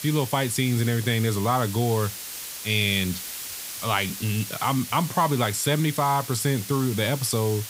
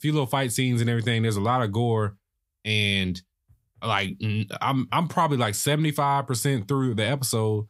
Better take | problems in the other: second | hiss; loud; throughout; 9 dB below the speech

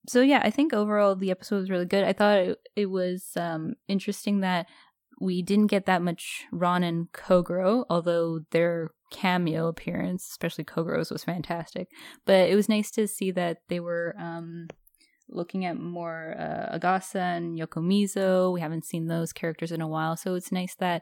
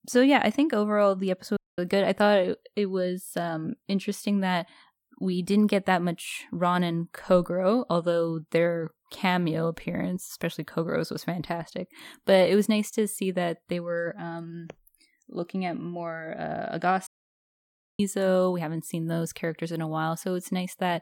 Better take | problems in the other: first | audio cutting out; at 1.5 s and at 17 s for 1 s

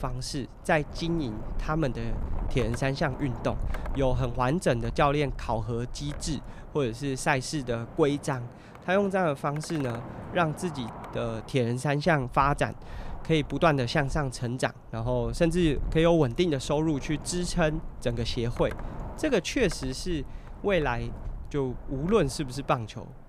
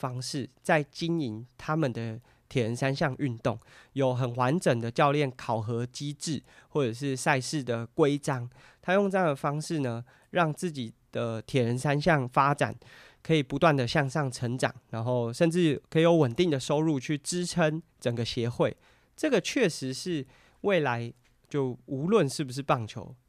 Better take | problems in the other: second | wind noise on the microphone; occasional gusts; 15 dB below the speech

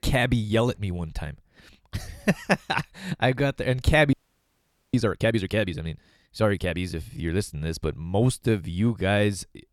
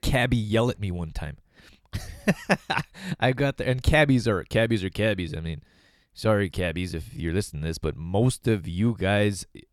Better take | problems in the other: second | audio freezing; at 4 s for 1 s

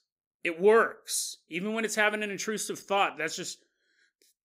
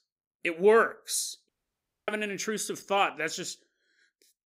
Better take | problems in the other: first | audio cutting out; at 1.5 s for 0.5 s

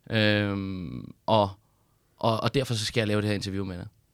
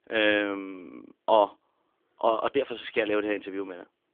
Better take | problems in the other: first | phone-call audio; nothing above 3.5 kHz

